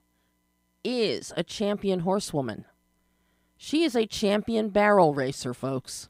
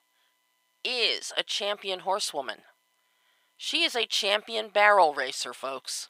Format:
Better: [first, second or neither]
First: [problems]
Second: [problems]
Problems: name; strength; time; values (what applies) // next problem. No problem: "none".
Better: first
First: none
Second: thin; very; fading below 800 Hz